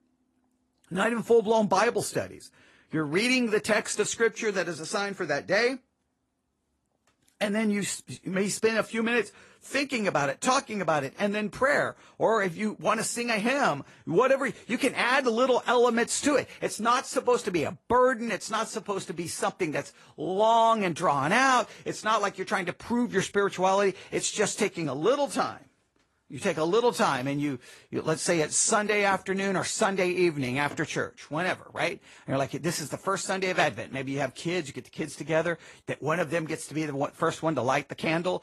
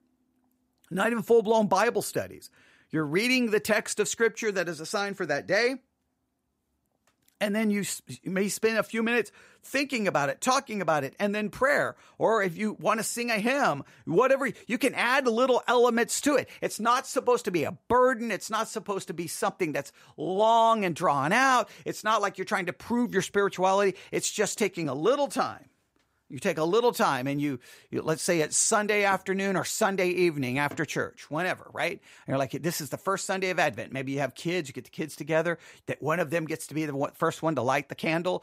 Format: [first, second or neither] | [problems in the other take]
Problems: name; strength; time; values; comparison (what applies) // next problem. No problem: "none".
second | garbled, watery; slightly; nothing above 11 kHz